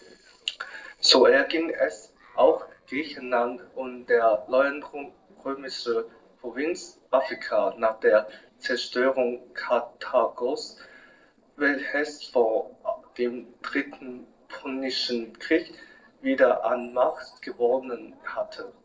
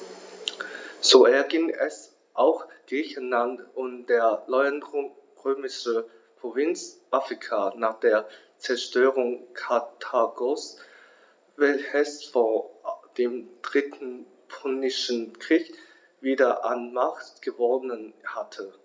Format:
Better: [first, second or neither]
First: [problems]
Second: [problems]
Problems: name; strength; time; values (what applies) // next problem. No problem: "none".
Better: second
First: noise reduction (neural separator model SepFormer DNS4)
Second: none